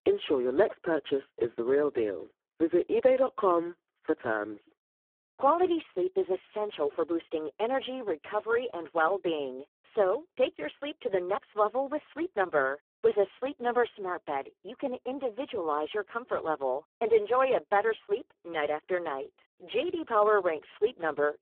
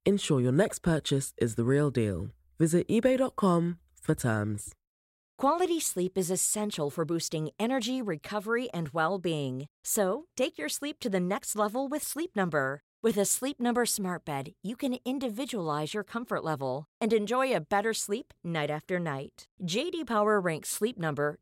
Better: second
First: phone-call audio; poor line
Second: none

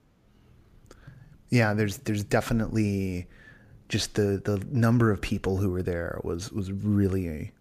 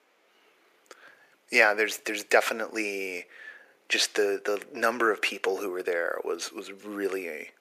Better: first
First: none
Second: thin; very; fading below 400 Hz

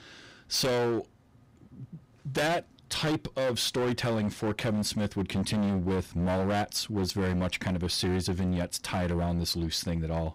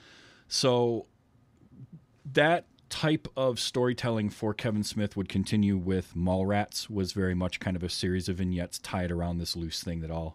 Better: second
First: distortion; heavy; 20% of the sound clipped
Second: none

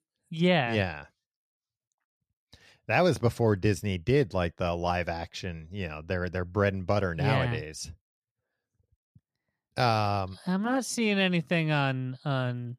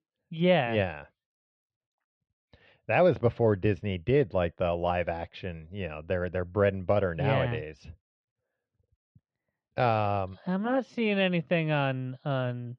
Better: first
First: none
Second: muffled; very; fading above 3 kHz

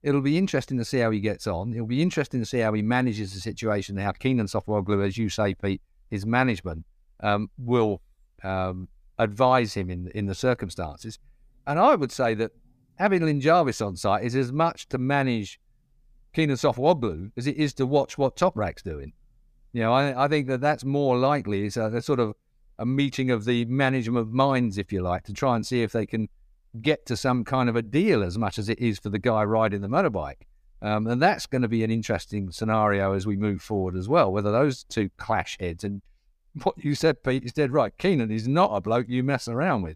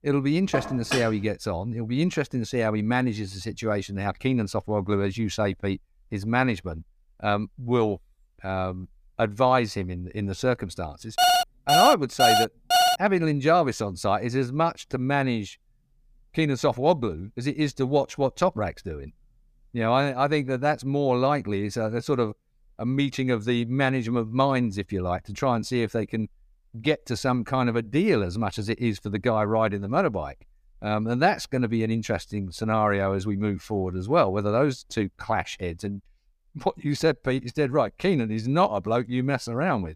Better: first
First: none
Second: clattering dishes; noticeable; at 0.5 s; peak 4 dB below the speech // alarm; loud; from 11 to 13 s; peak 6 dB above the speech

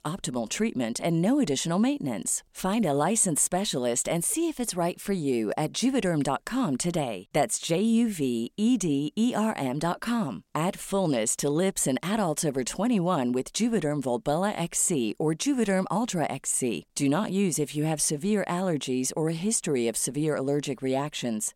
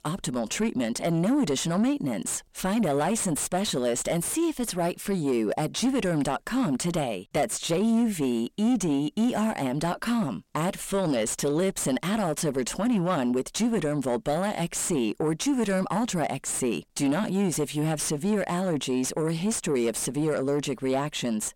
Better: first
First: none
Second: distortion; slight; 10 dB below the speech

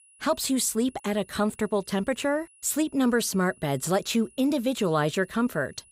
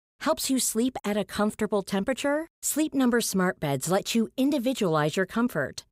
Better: second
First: high-pitched whine; faint; throughout; 10 kHz, 30 dB below the speech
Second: none

